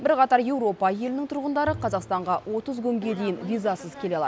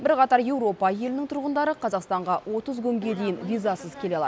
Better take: second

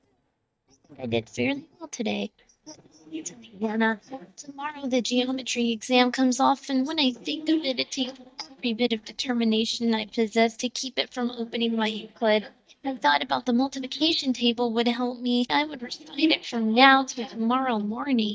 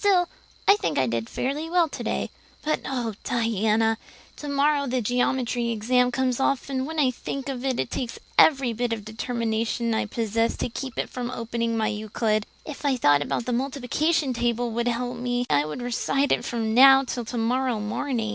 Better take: second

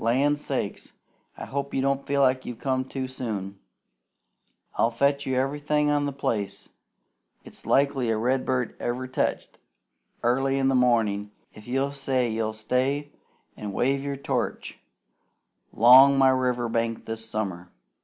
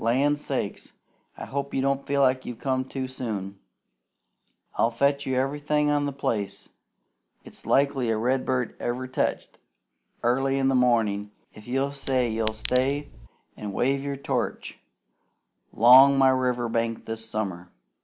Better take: first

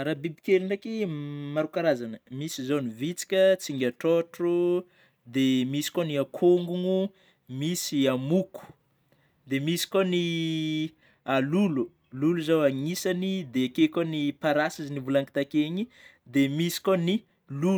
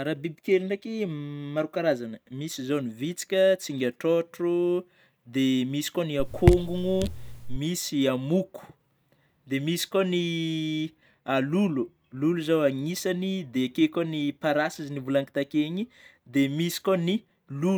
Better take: first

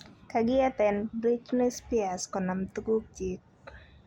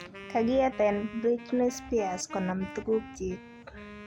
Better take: first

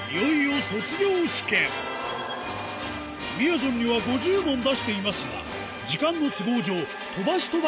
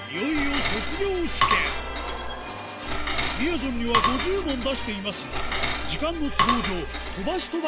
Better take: first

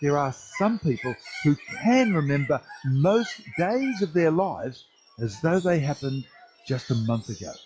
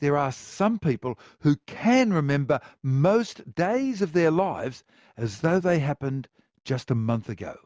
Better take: second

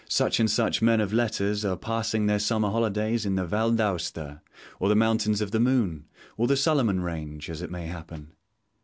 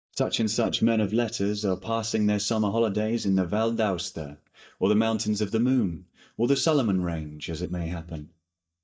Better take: first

